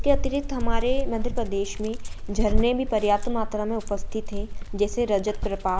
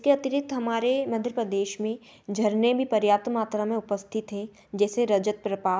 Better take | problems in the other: second | background sound (Dog); 1 dB above the speech

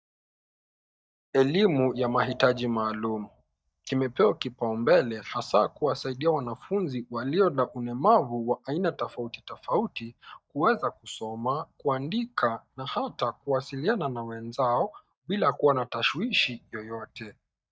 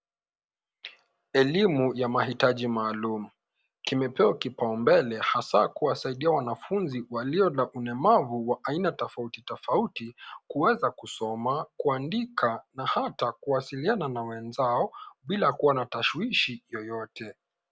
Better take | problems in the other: second | noise reduction (neural mask model DeepFilterNet 3)

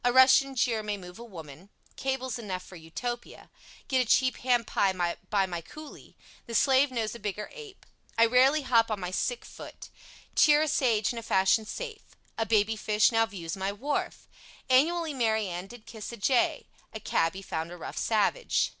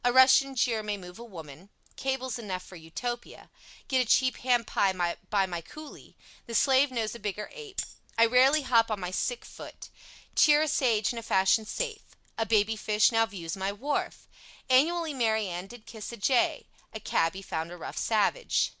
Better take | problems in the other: first | background sound (Tambourine); 8 dB below the speech

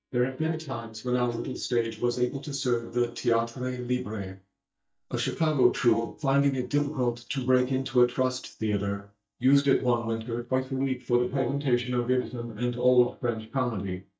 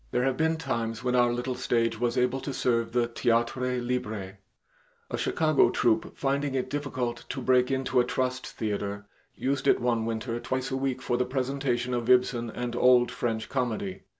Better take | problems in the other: second | noise reduction (neural mask model DeepFilterNet 3)

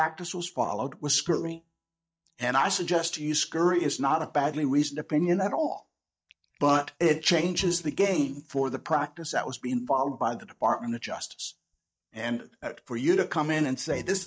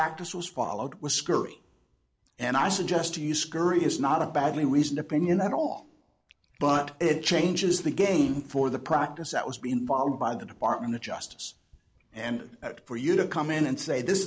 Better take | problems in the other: second | noise reduction (neural mask model DeepFilterNet 3)

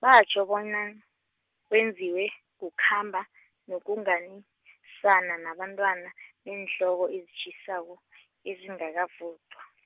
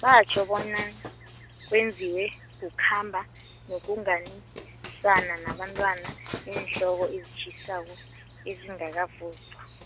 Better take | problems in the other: first | background sound (Run); 14 dB below the speech

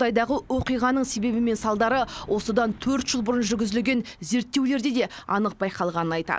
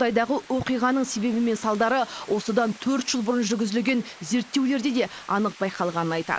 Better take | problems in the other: first | noise reduction (neural mask model Resemble Enhance denoiser)

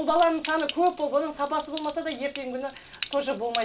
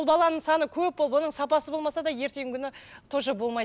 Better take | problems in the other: second | background sound (Stream); 14 dB below the speech // room echo; dies away in 0.2 s

